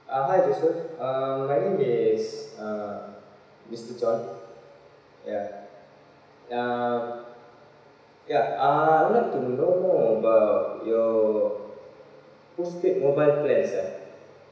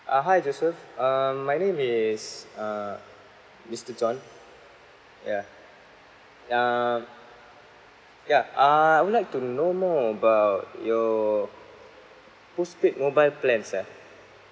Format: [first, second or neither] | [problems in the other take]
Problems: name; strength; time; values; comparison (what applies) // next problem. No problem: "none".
second | room echo; dies away in 1 s